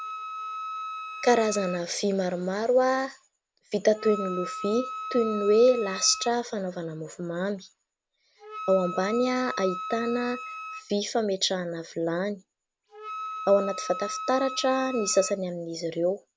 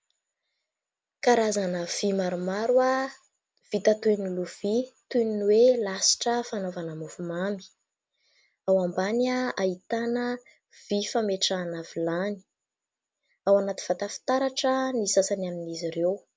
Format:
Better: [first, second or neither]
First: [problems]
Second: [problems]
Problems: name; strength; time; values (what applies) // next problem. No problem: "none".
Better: second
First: background sound (Wind instrument, woodwind instrument); 11 dB below the speech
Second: none